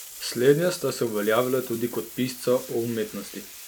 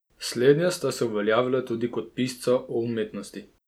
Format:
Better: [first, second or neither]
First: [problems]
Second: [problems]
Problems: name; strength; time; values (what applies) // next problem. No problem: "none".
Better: second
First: background sound (Bathtub (filling or washing)); 15 dB below the speech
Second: none